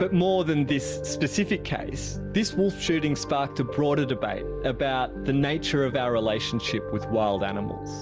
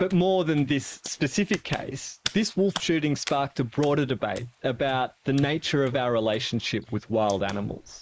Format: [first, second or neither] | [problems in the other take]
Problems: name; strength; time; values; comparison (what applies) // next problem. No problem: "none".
first | noise reduction (neural mask model Resemble Enhance denoiser)